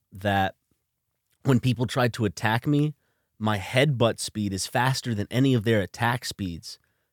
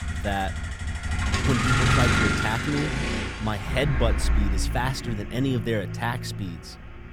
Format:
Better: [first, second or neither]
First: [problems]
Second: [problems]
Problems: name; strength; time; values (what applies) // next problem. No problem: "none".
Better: first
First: none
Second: traffic noise; very loud; throughout; 2 dB above the speech